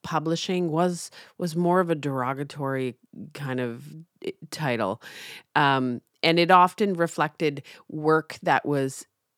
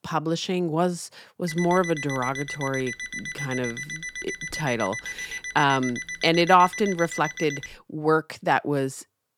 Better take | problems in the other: first | alarm; noticeable; from 1.5 to 8 s; peak 8 dB below the speech

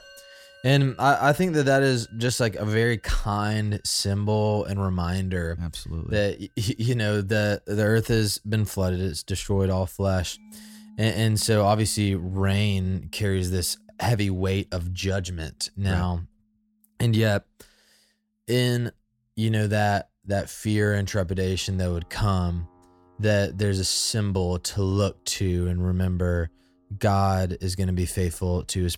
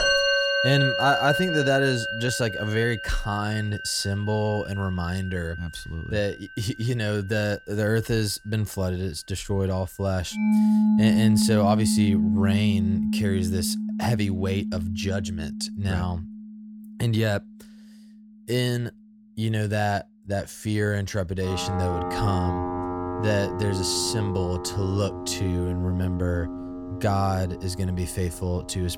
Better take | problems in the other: first | background music; loud; throughout; as loud as the speech; faint in the first

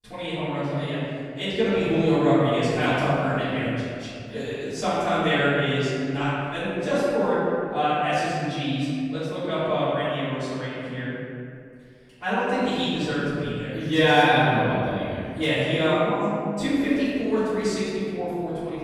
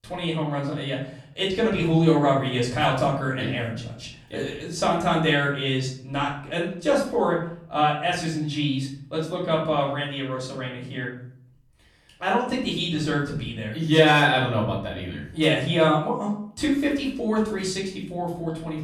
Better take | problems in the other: second | room echo; strong; dies away in 2.2 s; slight in the second // off-mic speech; far; far in the second

